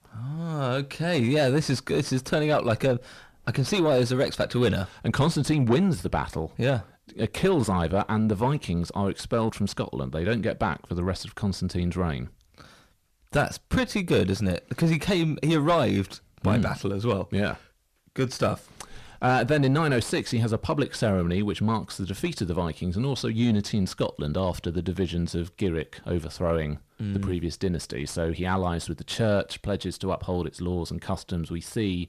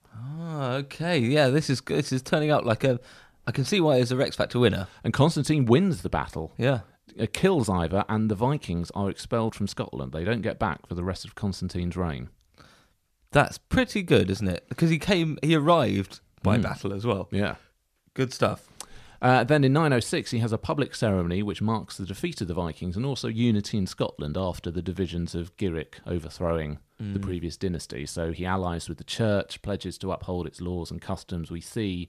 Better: second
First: distortion; slight; 9 dB below the speech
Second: none

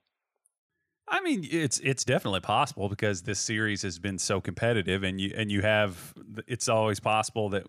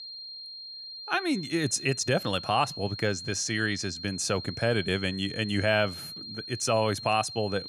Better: first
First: none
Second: high-pitched whine; noticeable; throughout; 4 kHz, 10 dB below the speech

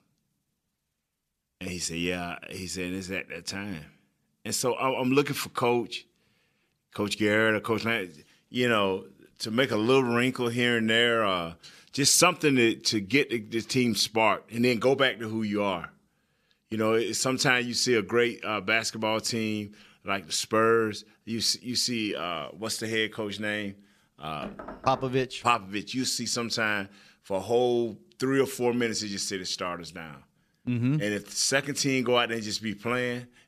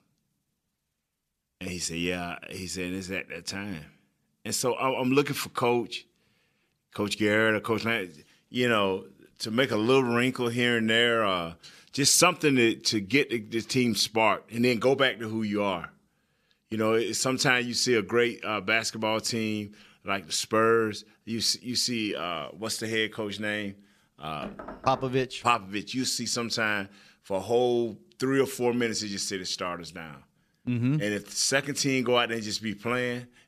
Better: neither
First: none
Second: none

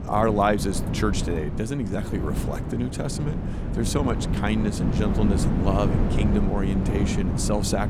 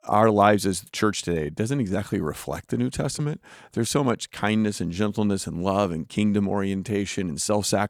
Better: second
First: wind noise on the microphone; heavy; 5 dB below the speech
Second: none

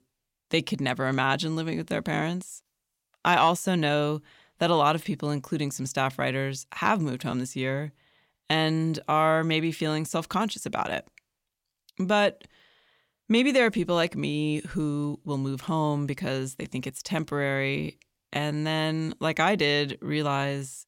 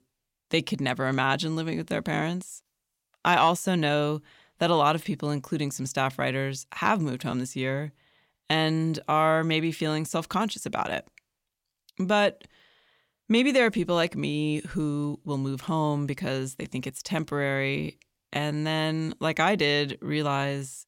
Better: neither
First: none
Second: none

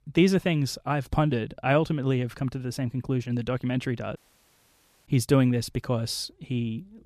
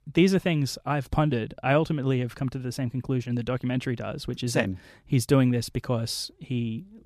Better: second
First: audio cutting out; at 4 s for 1 s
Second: none

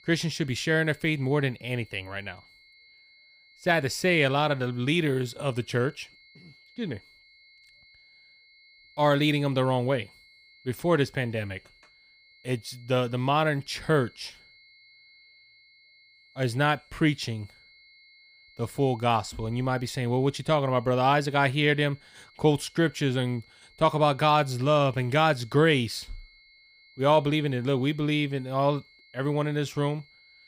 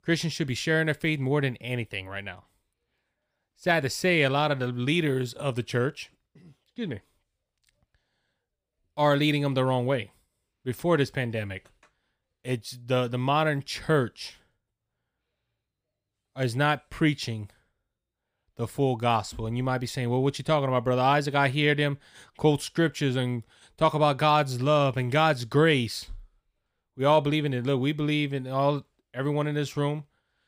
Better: second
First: high-pitched whine; faint; throughout; 2 kHz, 30 dB below the speech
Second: none

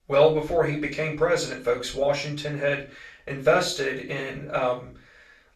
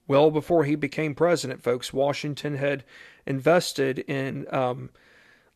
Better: second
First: room echo; slight; dies away in 0.3 s // off-mic speech; far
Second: none

